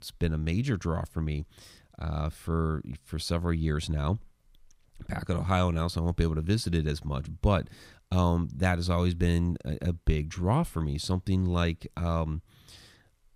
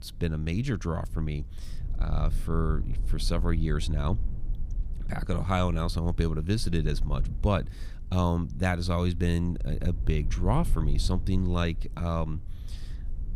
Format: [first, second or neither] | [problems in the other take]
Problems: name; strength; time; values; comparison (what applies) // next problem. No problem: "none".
first | low rumble; noticeable; throughout; 20 dB below the speech